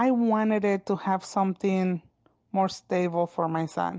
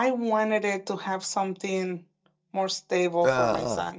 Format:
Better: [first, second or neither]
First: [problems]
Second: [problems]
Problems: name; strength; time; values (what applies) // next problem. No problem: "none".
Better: first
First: none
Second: noise reduction (neural mask model DeepFilterNet 3)